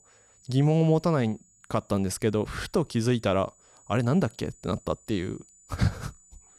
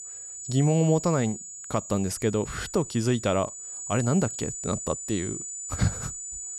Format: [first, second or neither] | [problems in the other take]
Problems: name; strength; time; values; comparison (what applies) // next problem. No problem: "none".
first | high-pitched whine; loud; throughout; 7 kHz, 8 dB below the speech; faint in the first